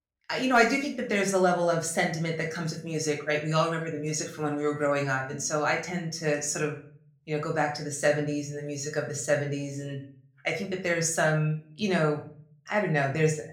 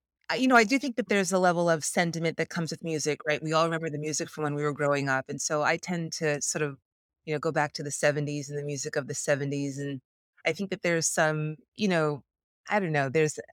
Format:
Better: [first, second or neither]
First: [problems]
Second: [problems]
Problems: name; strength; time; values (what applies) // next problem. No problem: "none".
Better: second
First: room echo; slight; dies away in 0.4 s // off-mic speech; somewhat distant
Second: none